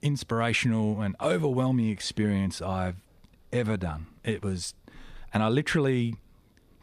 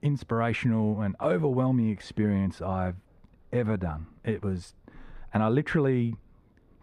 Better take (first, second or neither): first